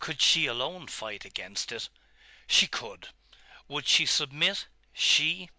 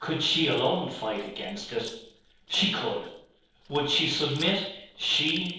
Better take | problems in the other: first | noise reduction (neural separator model SepFormer DNS4)

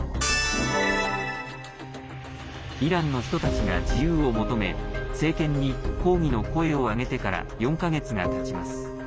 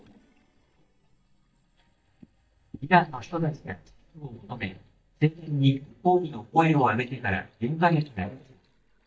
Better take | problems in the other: first | noise reduction (neural mask model DeepFilterNet 3)

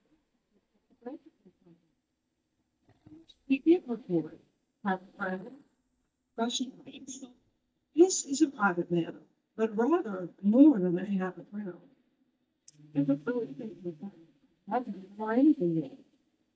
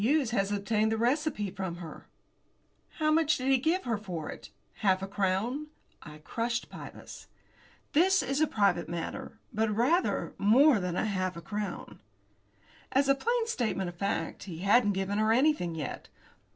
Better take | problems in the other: second | noise reduction (neural mask model DeepFilterNet 3)

